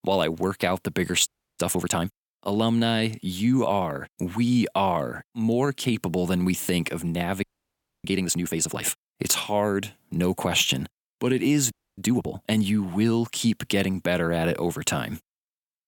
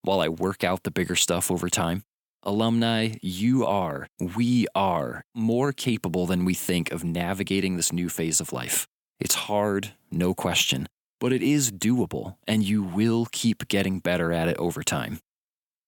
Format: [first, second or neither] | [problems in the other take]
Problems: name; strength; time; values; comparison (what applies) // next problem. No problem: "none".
second | audio freezing; at 1.5 s, at 7.5 s for 0.5 s and at 12 s